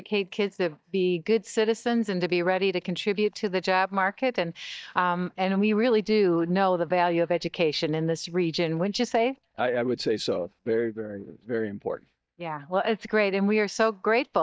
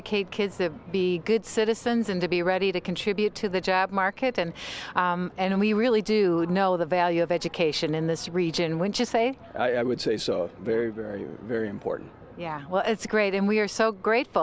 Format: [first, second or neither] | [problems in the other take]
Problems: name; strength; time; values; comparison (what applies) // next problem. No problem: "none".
second | noise reduction (neural mask model DeepFilterNet 3)